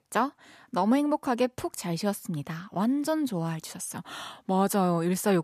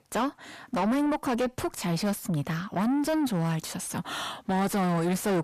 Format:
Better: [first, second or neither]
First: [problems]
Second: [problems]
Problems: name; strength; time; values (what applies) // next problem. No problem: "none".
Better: first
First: none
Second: distortion; heavy; 7 dB below the speech